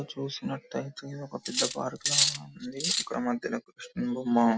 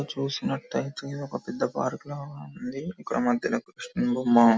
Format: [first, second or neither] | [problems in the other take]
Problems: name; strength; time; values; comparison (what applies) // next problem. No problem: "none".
second | background sound (Cutlery, silverware); 1 dB above the speech